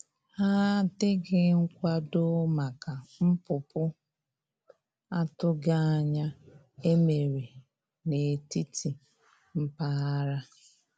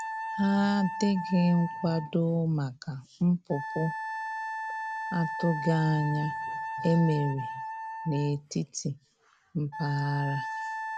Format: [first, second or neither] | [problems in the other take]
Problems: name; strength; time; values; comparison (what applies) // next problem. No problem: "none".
first | background sound (Wind instrument, woodwind instrument); 7 dB below the speech